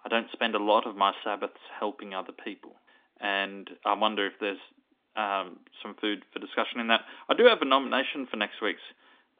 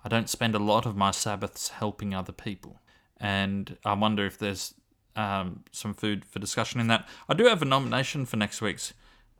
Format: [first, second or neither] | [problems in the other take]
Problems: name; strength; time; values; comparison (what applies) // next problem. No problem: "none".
second | phone-call audio; nothing above 3.5 kHz